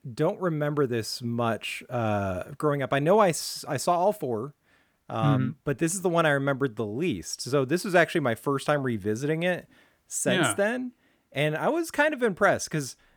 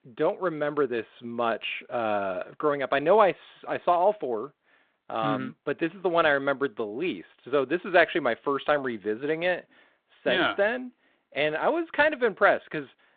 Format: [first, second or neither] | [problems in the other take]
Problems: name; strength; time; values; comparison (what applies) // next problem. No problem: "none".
first | phone-call audio; nothing above 3.5 kHz